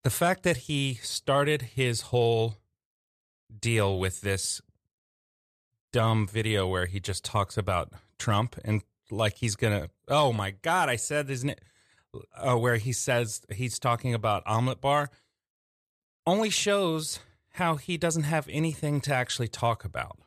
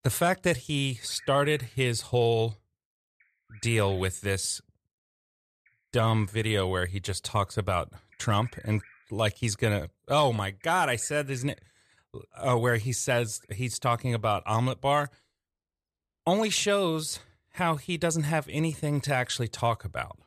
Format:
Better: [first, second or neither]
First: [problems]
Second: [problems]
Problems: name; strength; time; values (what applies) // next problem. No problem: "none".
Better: first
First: none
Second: animal sounds; faint; throughout; 30 dB below the speech